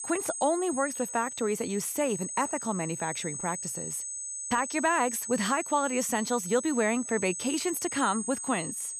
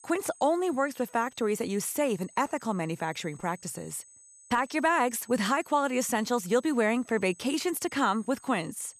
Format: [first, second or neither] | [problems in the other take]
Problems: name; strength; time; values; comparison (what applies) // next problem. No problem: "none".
second | high-pitched whine; loud; throughout; 8 kHz, 5 dB below the speech; faint in the second